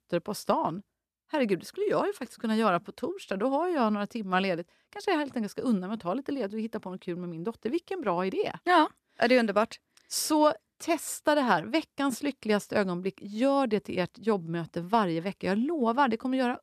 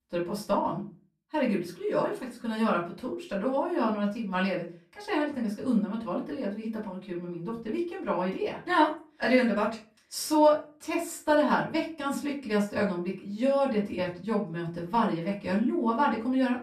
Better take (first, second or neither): first